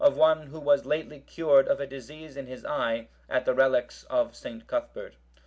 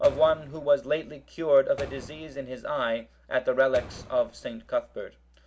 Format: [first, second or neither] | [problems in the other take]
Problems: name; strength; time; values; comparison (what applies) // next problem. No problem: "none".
first | background sound (Door); 19 dB below the speech